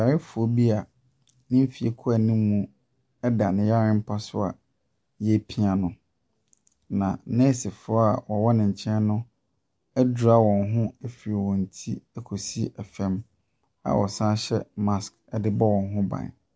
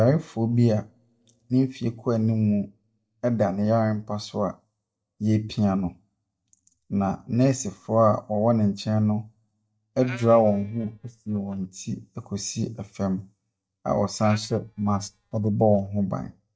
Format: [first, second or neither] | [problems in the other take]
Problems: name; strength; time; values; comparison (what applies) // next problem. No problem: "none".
first | noise reduction (neural mask model DeepFilterNet 3)